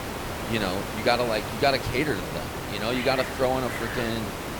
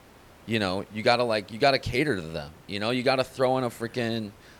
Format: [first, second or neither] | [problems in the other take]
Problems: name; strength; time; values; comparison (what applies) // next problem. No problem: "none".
second | hiss; loud; throughout; 5 dB below the speech; faint in the second